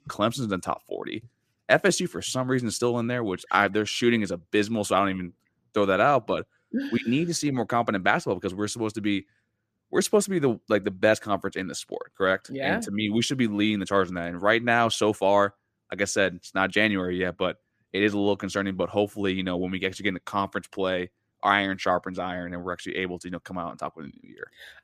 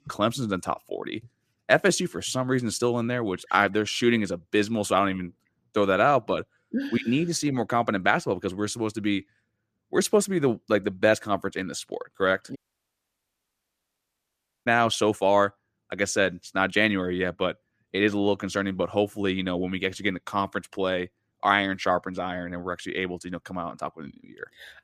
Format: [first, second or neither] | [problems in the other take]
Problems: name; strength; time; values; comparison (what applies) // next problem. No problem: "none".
first | audio cutting out; at 13 s for 2 s